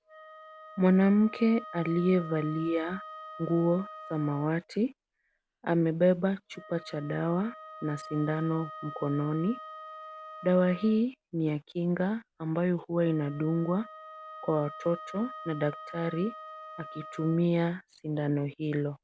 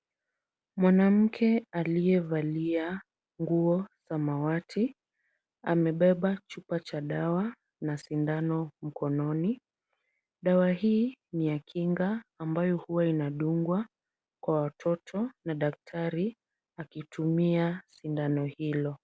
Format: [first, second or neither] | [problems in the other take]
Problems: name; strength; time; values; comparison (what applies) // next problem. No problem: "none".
second | background sound (Wind instrument, woodwind instrument); 16 dB below the speech